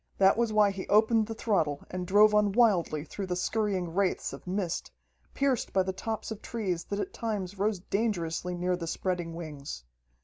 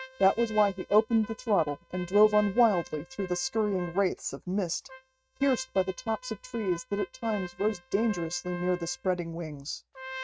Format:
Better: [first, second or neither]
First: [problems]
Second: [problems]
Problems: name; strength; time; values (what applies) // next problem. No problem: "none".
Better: first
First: none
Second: noise reduction (neural mask model RNNoise)